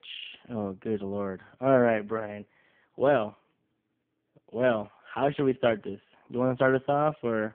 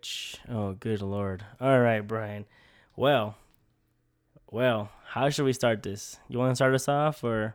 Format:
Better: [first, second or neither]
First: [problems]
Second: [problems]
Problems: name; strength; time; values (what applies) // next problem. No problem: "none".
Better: second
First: phone-call audio; poor line; nothing above 3.5 kHz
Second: none